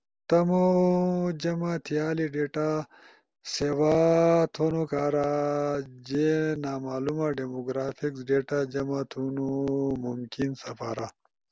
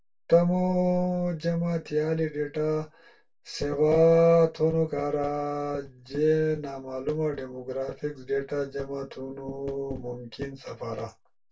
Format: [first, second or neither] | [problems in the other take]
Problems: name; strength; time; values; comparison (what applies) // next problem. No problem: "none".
first | room echo; dies away in 0.2 s